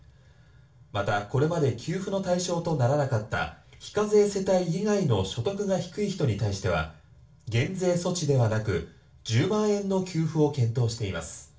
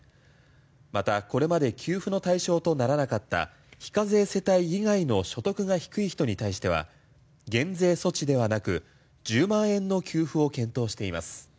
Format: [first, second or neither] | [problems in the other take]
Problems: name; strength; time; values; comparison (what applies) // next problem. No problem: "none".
second | room echo; dies away in 0.3 s